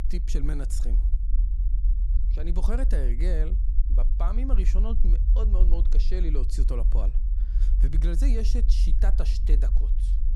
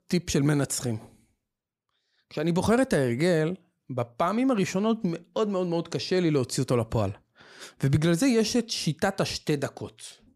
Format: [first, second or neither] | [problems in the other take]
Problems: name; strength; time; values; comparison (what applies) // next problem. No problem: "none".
second | low rumble; loud; throughout; 9 dB below the speech